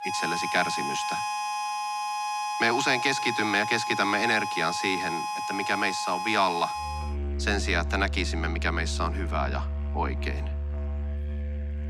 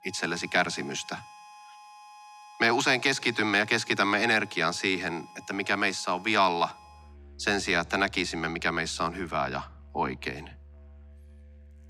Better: second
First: background music; loud; throughout; 3 dB below the speech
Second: background music; faint; throughout; 25 dB below the speech

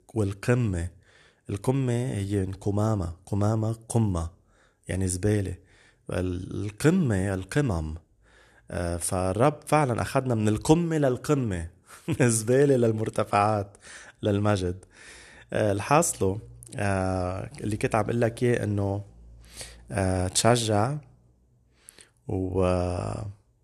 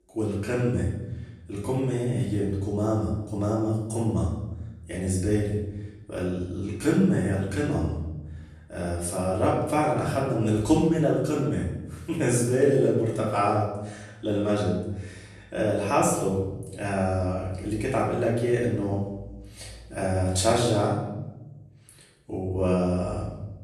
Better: first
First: none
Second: off-mic speech; far // room echo; noticeable; dies away in 0.9 s

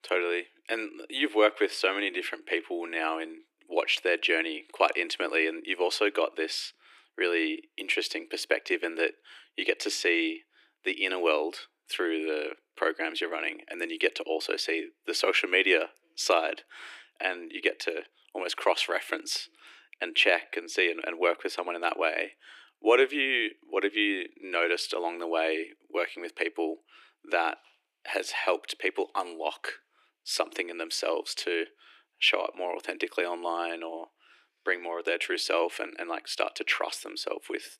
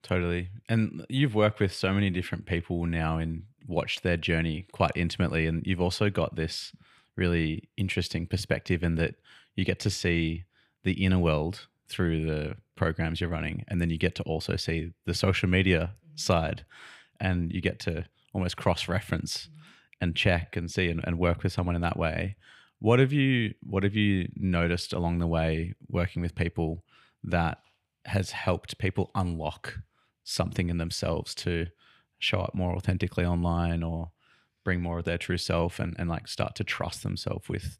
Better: second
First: thin; very; fading below 300 Hz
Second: none

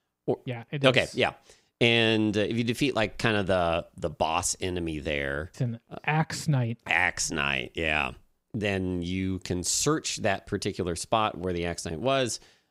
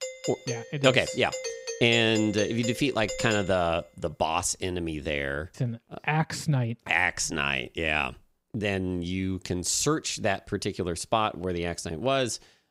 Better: first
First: none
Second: doorbell; noticeable; until 3.5 s; peak 6 dB below the speech

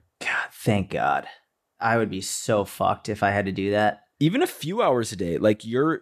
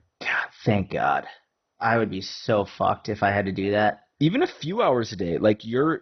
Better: first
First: none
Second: garbled, watery; badly; nothing above 6 kHz

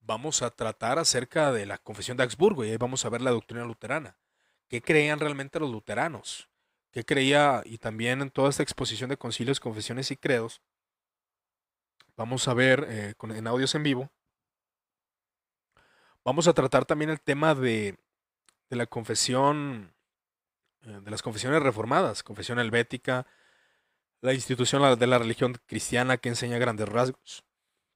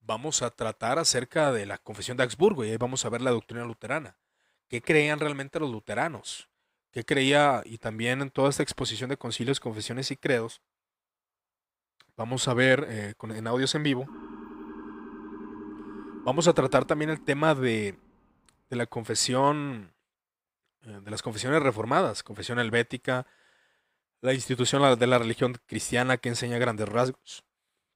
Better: first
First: none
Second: siren; faint; from 14 to 18 s; peak 15 dB below the speech

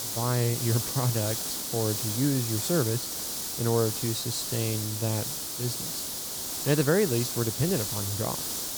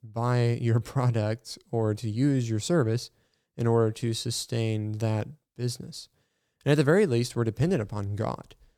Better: second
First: hiss; loud; throughout; 1 dB below the speech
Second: none

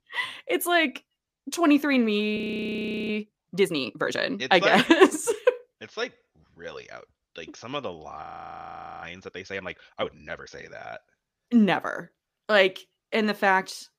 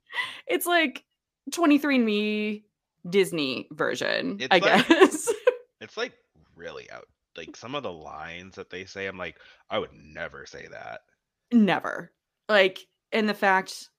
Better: second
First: audio freezing; at 2.5 s for 0.5 s and at 8 s for 1 s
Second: none

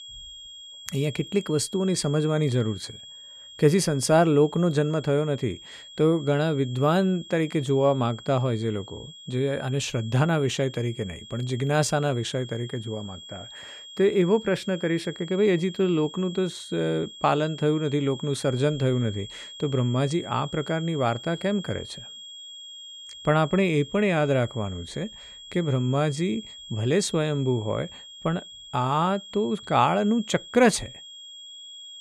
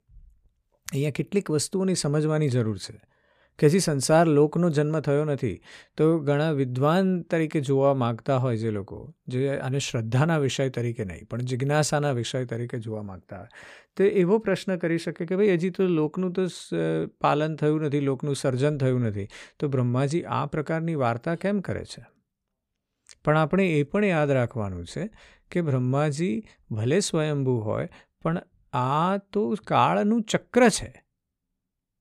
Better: second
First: high-pitched whine; noticeable; throughout; 3.5 kHz, 15 dB below the speech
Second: none

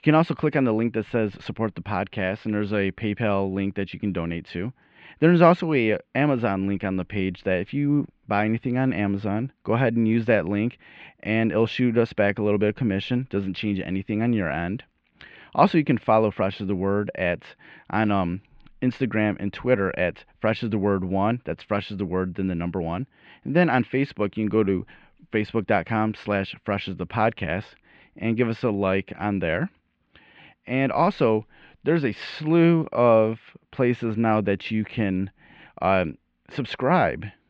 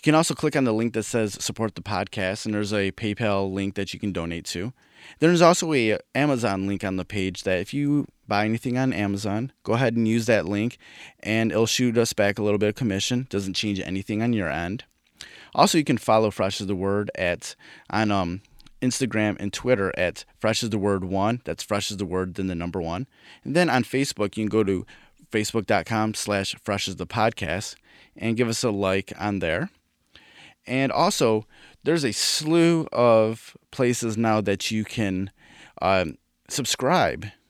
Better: second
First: muffled; very; fading above 3 kHz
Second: none

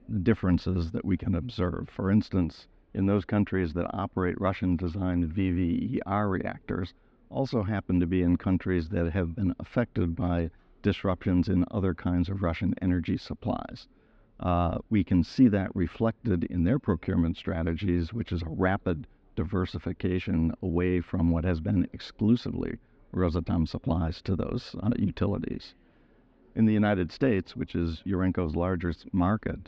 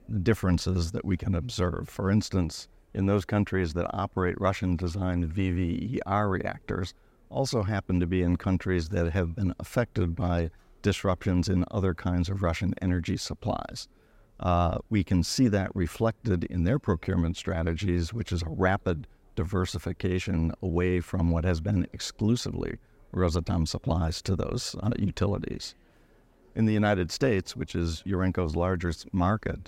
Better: second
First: muffled; slightly; fading above 4 kHz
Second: none

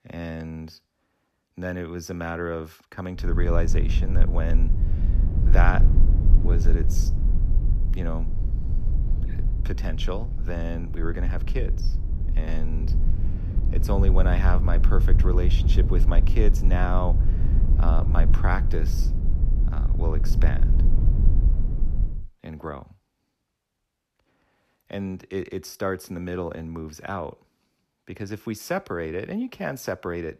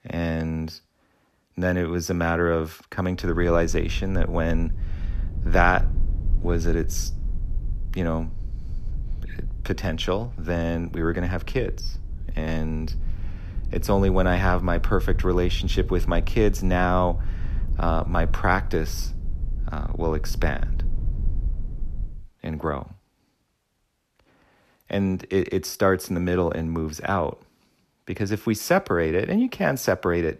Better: second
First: low rumble; loud; from 3.5 to 22 s; 9 dB below the speech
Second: low rumble; faint; from 3.5 to 22 s; 25 dB below the speech

